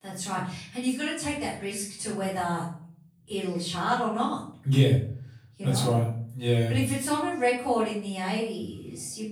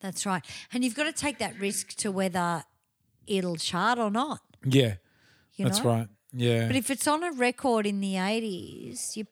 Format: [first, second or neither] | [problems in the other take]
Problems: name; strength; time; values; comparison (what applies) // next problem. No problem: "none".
second | off-mic speech; far // room echo; noticeable; dies away in 0.5 s